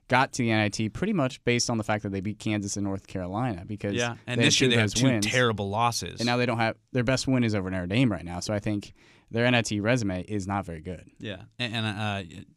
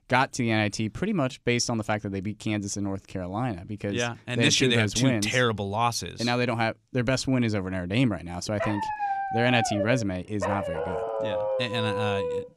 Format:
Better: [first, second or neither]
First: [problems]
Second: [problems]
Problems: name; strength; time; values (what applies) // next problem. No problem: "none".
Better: first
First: none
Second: dog barking; noticeable; from 8.5 s on; peak 2 dB below the speech